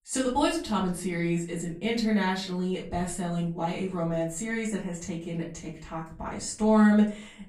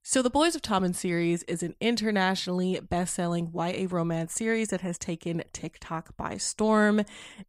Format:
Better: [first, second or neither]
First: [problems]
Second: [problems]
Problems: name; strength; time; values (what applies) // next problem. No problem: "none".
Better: second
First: off-mic speech; far // room echo; slight; dies away in 0.3 s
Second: none